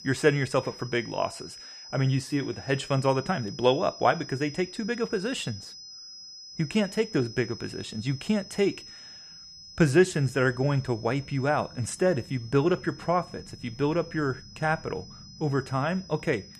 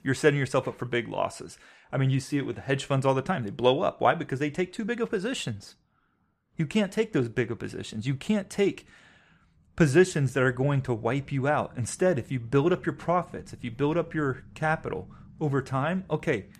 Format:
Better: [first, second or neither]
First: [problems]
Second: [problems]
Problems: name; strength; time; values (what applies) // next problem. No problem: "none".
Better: second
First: high-pitched whine; noticeable; throughout; 5 kHz, 15 dB below the speech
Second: none